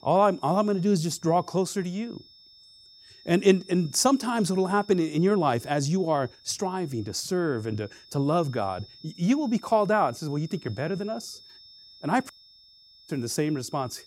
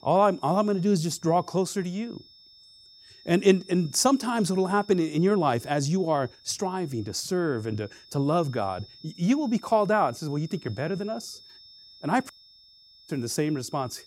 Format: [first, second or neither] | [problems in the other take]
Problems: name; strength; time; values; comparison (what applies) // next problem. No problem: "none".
neither | high-pitched whine; faint; throughout; 5.5 kHz, 25 dB below the speech; the same in both